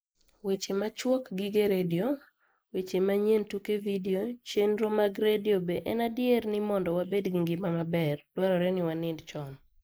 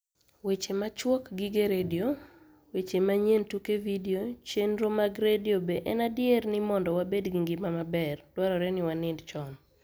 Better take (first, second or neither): second